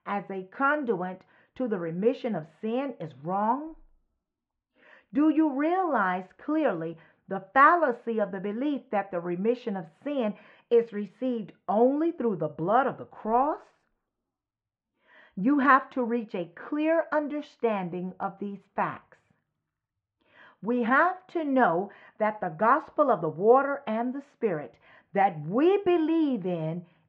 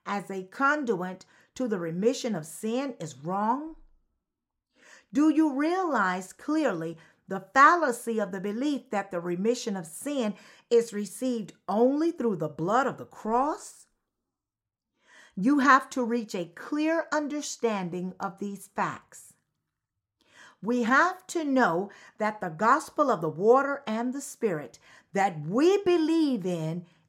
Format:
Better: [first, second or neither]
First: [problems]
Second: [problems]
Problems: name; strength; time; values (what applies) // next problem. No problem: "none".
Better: second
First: muffled; very; fading above 2.5 kHz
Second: none